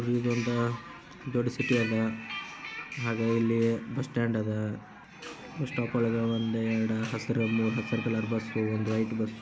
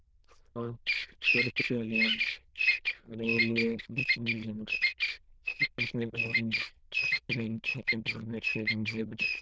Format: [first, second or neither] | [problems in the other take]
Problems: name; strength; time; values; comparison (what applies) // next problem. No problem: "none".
first | noise reduction (neural diffusion model UNIVERSE++)